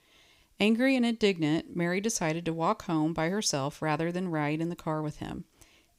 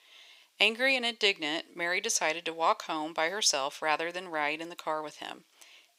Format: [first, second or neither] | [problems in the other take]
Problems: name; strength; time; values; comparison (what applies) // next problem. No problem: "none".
first | thin; very; fading below 650 Hz